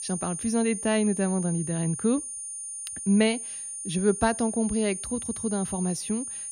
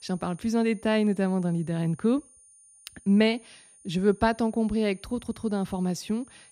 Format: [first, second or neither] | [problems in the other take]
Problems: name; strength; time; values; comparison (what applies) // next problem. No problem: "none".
second | high-pitched whine; loud; throughout; 9 kHz, 6 dB below the speech; faint in the second